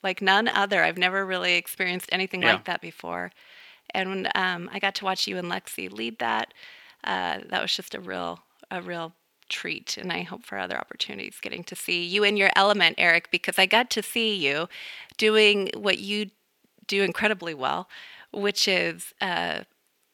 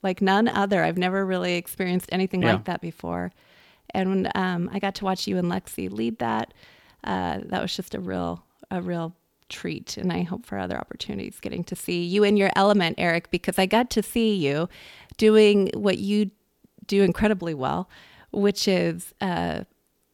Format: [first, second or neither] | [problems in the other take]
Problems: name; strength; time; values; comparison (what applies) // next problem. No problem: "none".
second | thin; somewhat; fading below 600 Hz